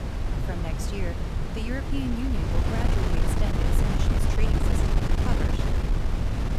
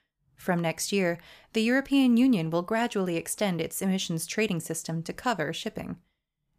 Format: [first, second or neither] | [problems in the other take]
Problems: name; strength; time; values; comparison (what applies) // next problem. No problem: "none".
second | wind noise on the microphone; heavy; 4 dB above the speech